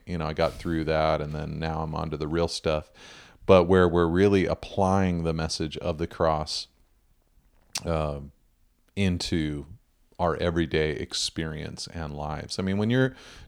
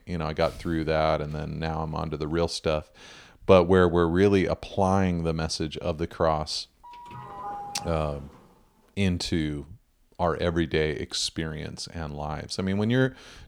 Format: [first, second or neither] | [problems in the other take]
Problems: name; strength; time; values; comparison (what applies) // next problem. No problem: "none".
first | doorbell; faint; from 7 to 8.5 s; peak 10 dB below the speech